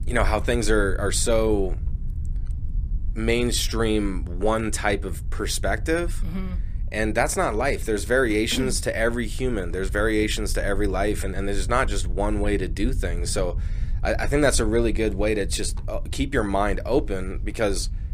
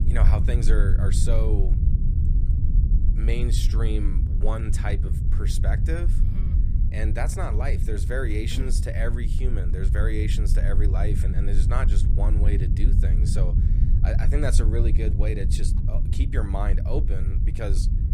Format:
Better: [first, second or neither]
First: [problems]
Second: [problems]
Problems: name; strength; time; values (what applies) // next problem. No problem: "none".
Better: first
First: low rumble; faint; throughout; 25 dB below the speech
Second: low rumble; loud; throughout; 6 dB below the speech